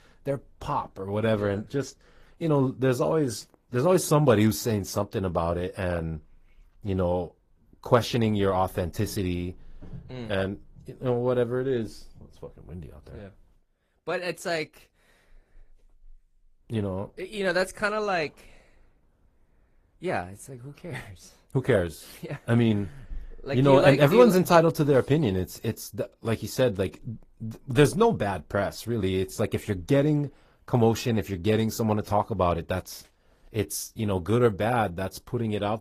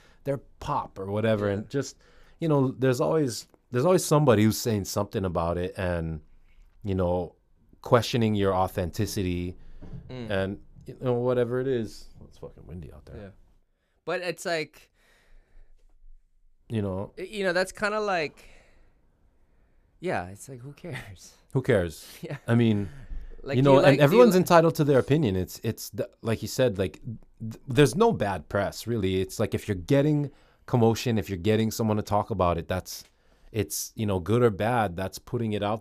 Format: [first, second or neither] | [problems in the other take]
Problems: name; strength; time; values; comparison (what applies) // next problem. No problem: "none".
second | garbled, watery; slightly; nothing above 14.5 kHz